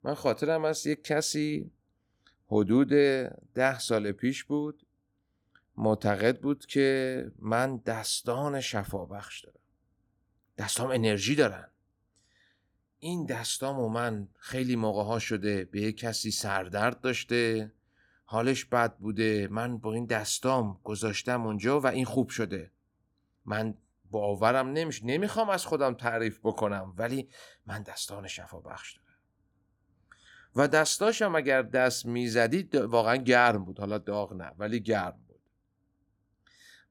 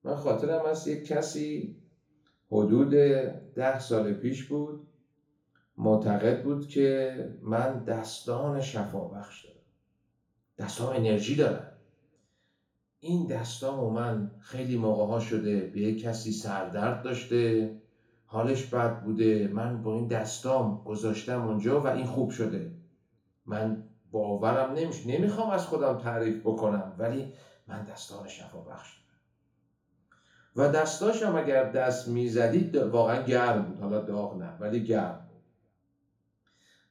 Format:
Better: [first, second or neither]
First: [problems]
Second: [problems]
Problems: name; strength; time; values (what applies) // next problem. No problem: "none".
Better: first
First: none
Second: room echo; slight; dies away in 0.6 s // off-mic speech; far